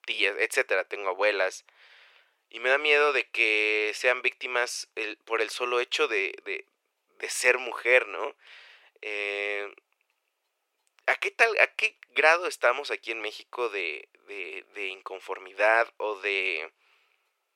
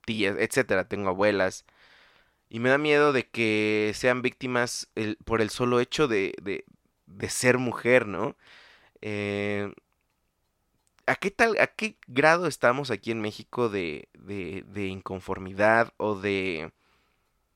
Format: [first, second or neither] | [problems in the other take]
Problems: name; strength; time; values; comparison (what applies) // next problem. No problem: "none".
second | thin; very; fading below 400 Hz